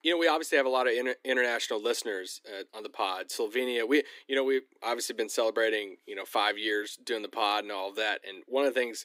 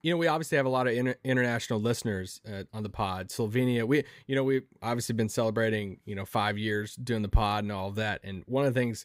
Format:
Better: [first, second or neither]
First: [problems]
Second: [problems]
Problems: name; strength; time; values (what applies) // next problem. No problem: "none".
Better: second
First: thin; somewhat; fading below 300 Hz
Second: none